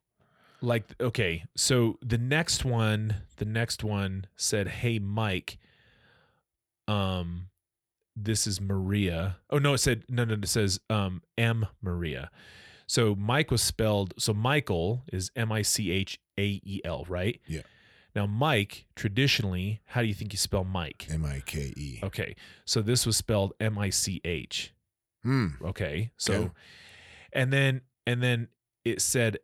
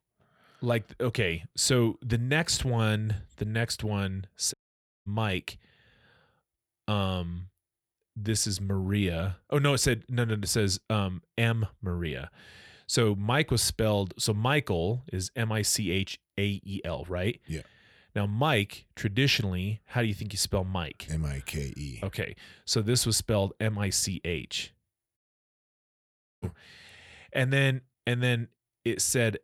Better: first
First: none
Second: audio cutting out; at 4.5 s for 0.5 s and at 25 s for 1 s

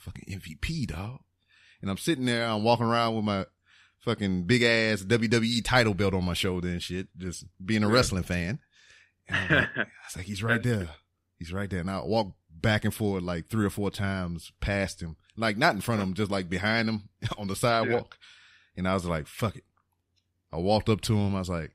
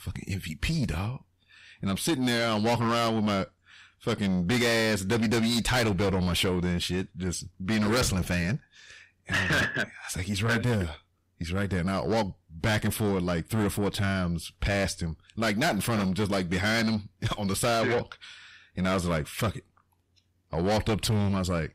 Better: first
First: none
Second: distortion; heavy; 6 dB below the speech

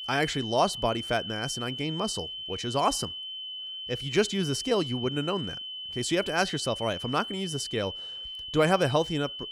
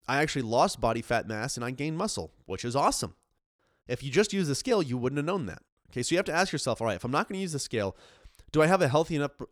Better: second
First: high-pitched whine; loud; throughout; 3 kHz, 7 dB below the speech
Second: none

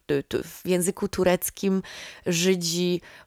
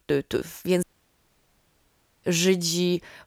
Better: first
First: none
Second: audio cutting out; at 1 s for 1.5 s

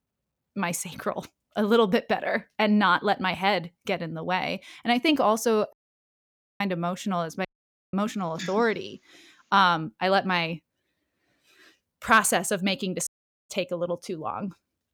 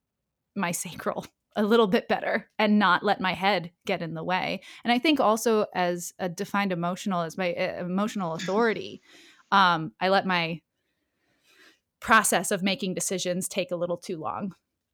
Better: second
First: audio cutting out; at 5.5 s for 1 s, at 7.5 s and at 13 s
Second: none

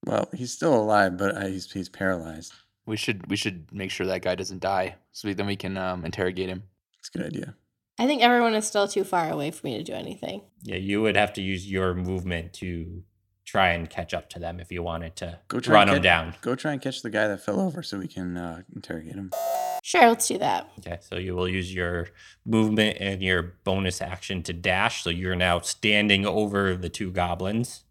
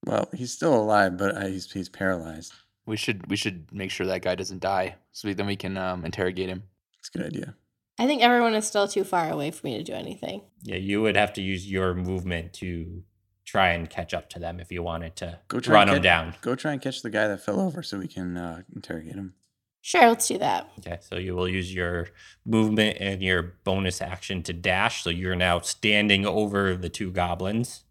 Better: second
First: alarm; noticeable; at 19 s; peak 2 dB below the speech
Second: none

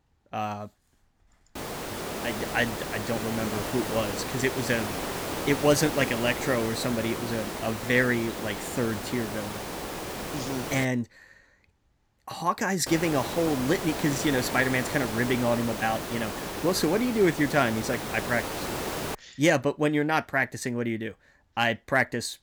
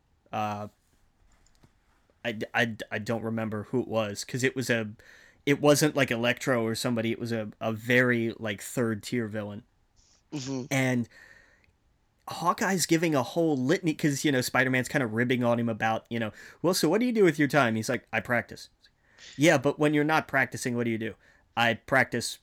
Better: second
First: hiss; loud; from 1.5 to 11 s and from 13 to 19 s; 6 dB below the speech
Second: none

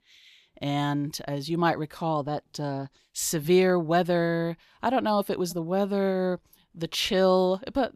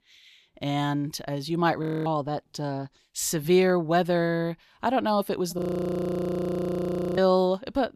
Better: first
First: none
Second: audio freezing; at 2 s and at 5.5 s for 1.5 s

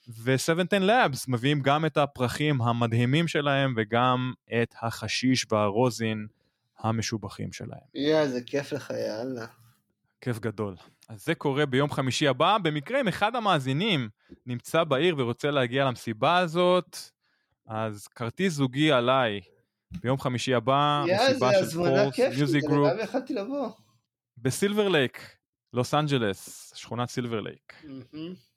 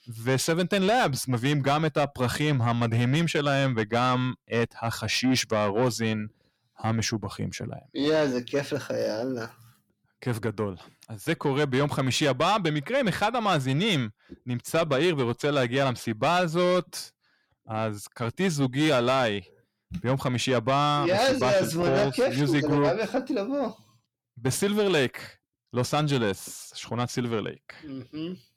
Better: first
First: none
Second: distortion; slight; 10 dB below the speech

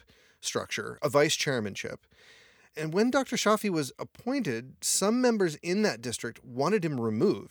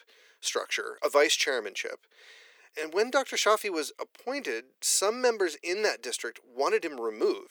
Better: first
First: none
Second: thin; very; fading below 350 Hz

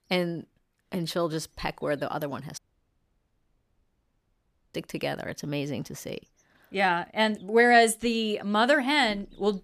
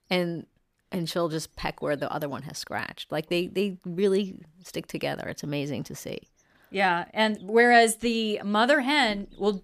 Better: second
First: audio cutting out; at 2.5 s for 2 s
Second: none

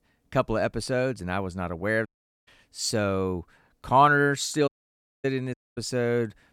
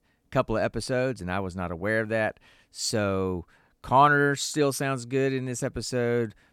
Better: second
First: audio cutting out; at 2 s, at 4.5 s for 0.5 s and at 5.5 s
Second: none

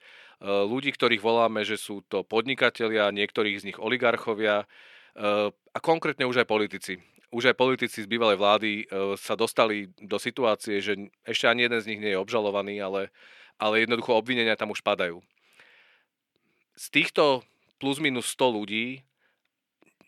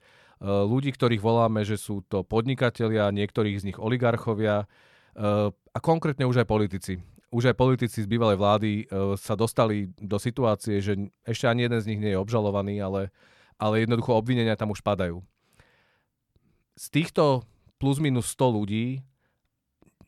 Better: second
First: thin; somewhat; fading below 350 Hz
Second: none

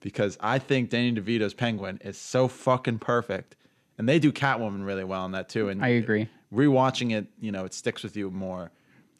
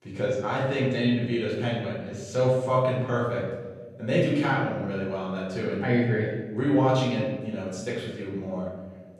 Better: first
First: none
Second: room echo; noticeable; dies away in 1.4 s // off-mic speech; far

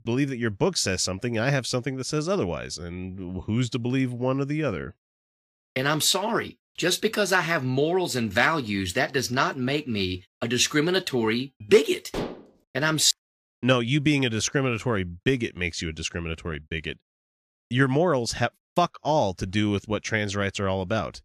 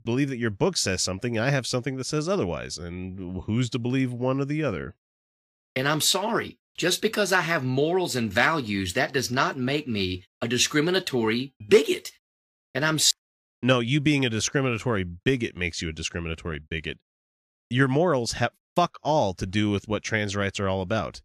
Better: second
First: clattering dishes; noticeable; at 12 s; peak 8 dB below the speech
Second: none

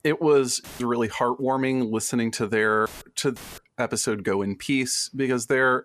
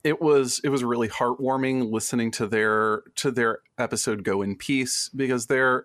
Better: second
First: audio cutting out; filled with static; at 0.5 s, at 3 s and at 3.5 s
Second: none

